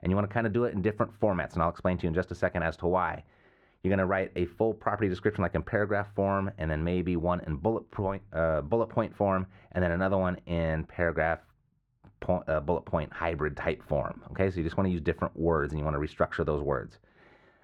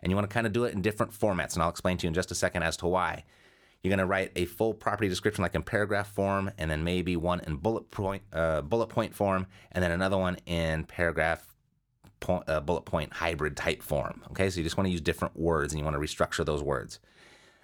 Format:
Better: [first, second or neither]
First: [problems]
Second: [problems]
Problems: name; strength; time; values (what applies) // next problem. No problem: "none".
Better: second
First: muffled; very; fading above 4 kHz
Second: none